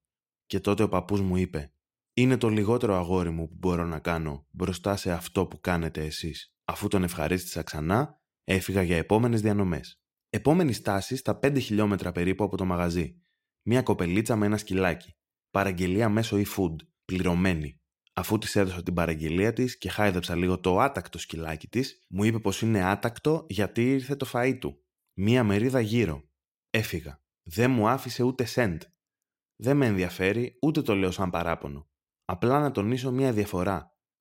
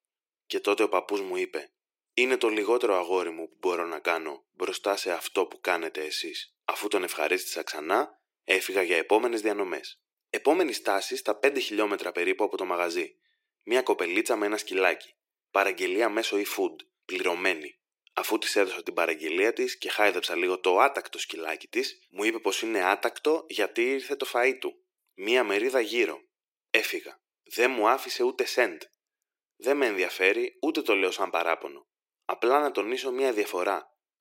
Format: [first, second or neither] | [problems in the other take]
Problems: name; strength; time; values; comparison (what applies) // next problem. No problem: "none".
first | thin; very; fading below 350 Hz